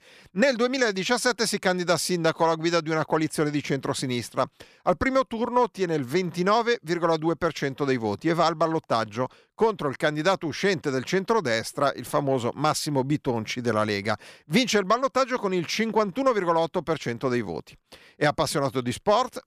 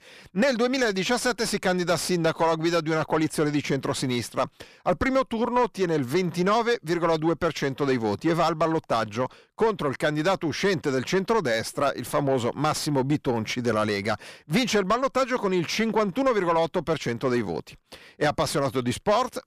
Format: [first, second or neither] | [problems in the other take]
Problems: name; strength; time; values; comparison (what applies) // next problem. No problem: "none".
first | distortion; slight; 10 dB below the speech